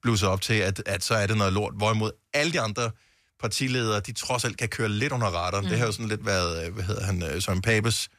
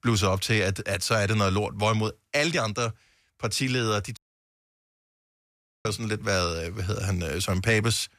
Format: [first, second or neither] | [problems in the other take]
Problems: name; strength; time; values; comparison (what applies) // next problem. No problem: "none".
first | audio cutting out; at 4 s for 1.5 s